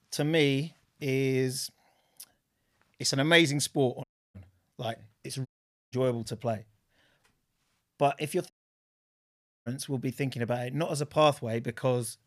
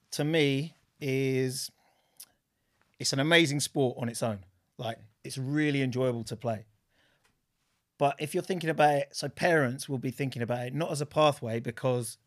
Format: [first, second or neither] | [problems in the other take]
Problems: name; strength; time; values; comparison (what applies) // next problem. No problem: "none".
second | audio cutting out; at 4 s, at 5.5 s and at 8.5 s for 1 s